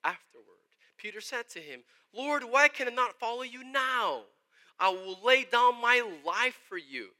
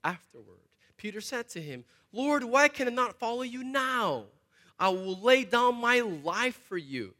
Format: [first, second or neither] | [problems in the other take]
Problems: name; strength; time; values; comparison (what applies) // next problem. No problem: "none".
second | thin; somewhat; fading below 400 Hz